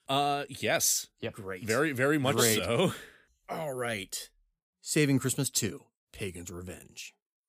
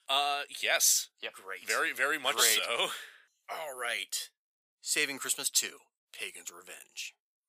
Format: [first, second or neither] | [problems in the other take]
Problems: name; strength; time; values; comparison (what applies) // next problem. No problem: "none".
first | thin; very; fading below 850 Hz